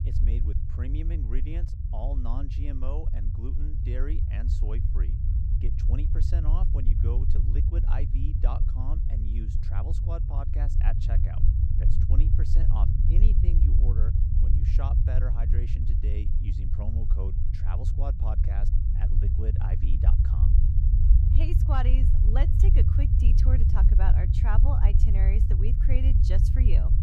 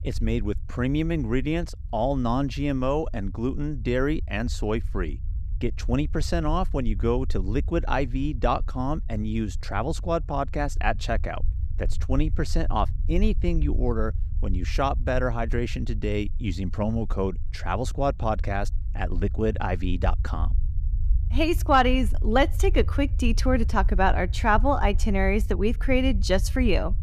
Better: second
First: low rumble; loud; throughout; 1 dB below the speech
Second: low rumble; faint; throughout; 25 dB below the speech

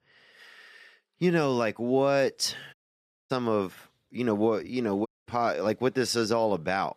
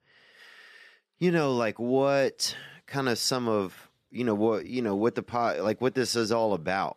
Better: second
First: audio cutting out; at 2.5 s for 0.5 s and at 5 s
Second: none

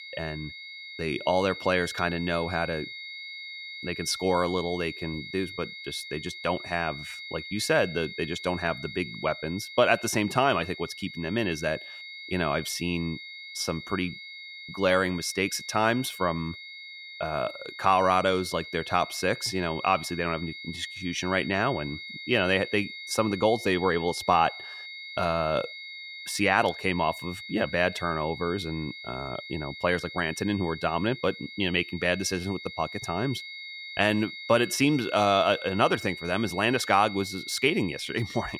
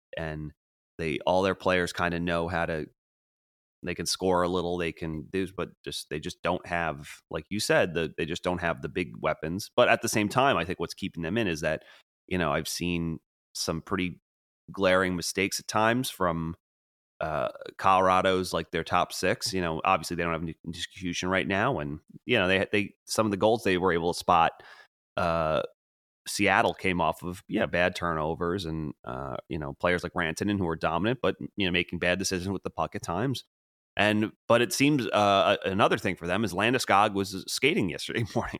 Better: second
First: high-pitched whine; noticeable; throughout; 2 kHz, 10 dB below the speech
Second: none

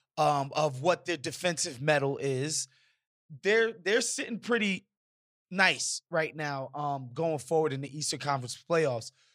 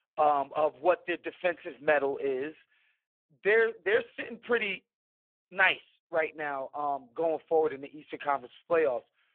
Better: first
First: none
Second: phone-call audio; poor line

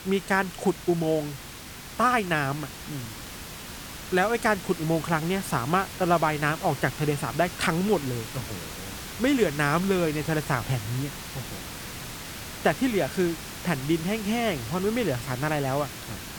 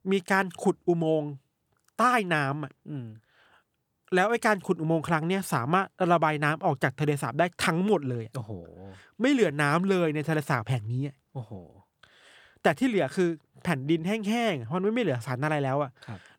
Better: second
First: hiss; noticeable; throughout; 10 dB below the speech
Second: none

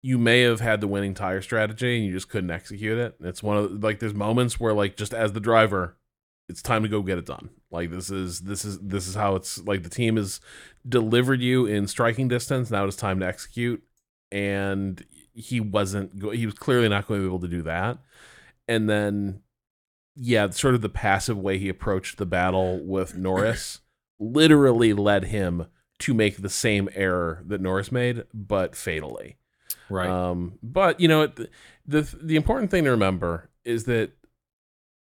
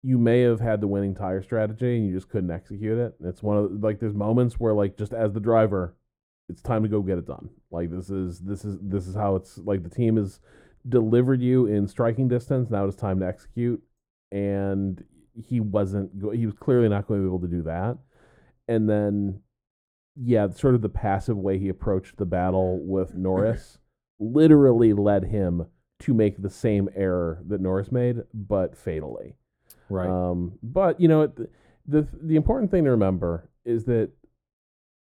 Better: first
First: none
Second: muffled; very; fading above 1.5 kHz

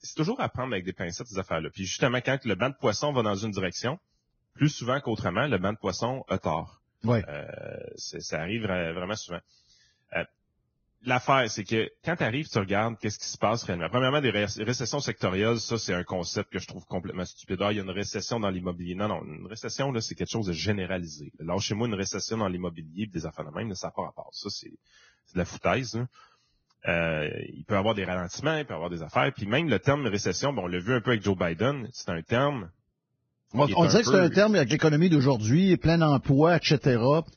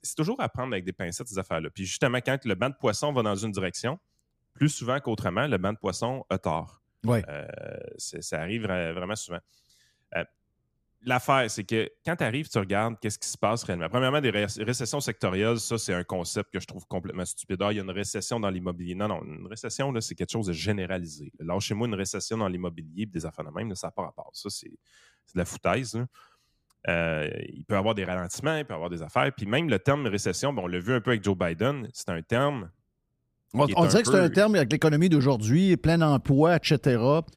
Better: second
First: garbled, watery; badly; nothing above 6.5 kHz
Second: none

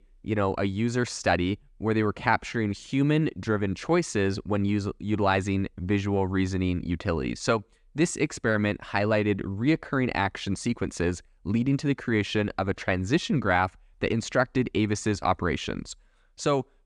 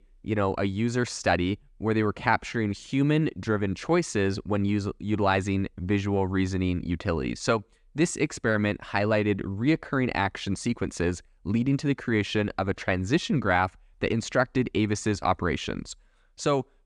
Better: neither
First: none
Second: none

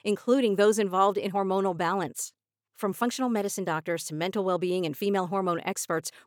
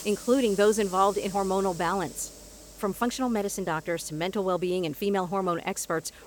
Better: first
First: none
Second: hiss; noticeable; throughout; 15 dB below the speech

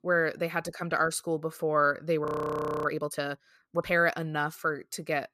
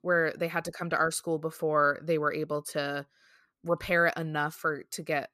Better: second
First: audio freezing; at 2.5 s for 0.5 s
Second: none

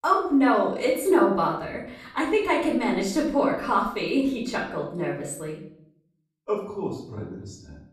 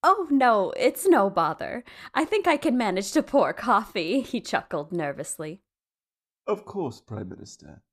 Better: second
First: room echo; noticeable; dies away in 0.6 s // off-mic speech; far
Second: none

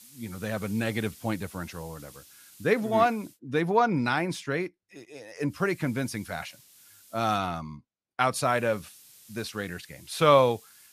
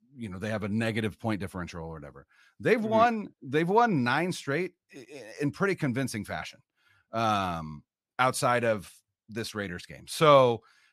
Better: second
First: hiss; faint; until 3.5 s, from 5.5 to 7.5 s and from 8.5 s on; 25 dB below the speech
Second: none

